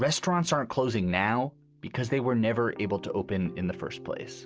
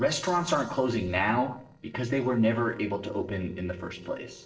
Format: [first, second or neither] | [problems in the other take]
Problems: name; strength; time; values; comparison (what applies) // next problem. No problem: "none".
first | noise reduction (neural separator model SepFormer DNS4)